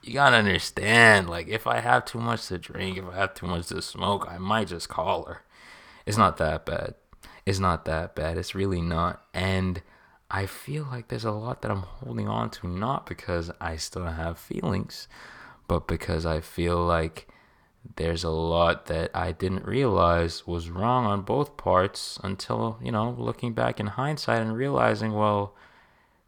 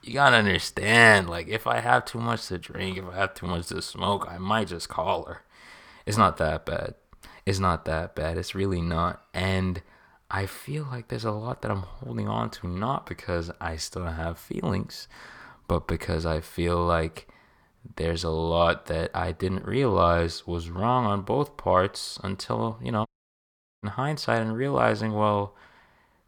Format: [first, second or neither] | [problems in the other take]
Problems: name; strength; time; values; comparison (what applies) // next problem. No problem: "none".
first | audio cutting out; at 23 s for 1 s